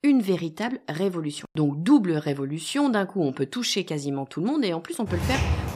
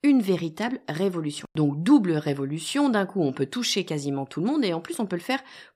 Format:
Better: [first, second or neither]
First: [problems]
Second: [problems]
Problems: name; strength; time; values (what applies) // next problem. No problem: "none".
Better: second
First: footsteps; noticeable; at 5 s; peak level with the speech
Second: none